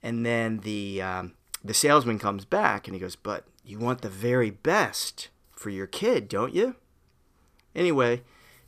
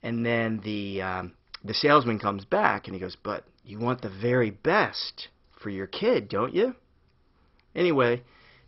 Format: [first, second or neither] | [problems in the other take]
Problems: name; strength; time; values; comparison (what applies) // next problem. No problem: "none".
first | garbled, watery; badly; nothing above 5.5 kHz